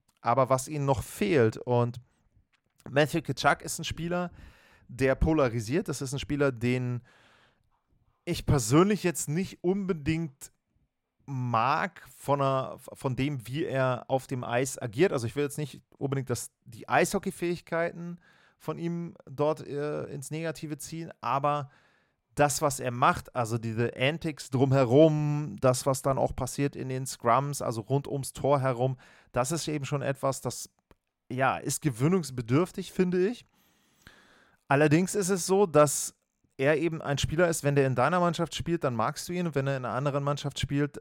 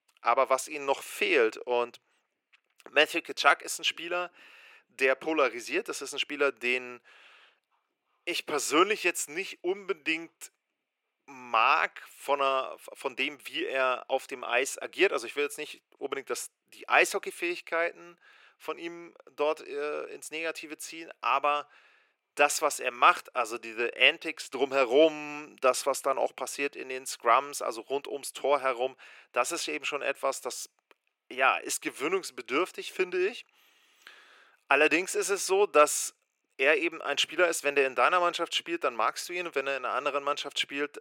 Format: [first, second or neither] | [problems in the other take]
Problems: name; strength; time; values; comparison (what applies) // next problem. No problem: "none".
first | thin; very; fading below 350 Hz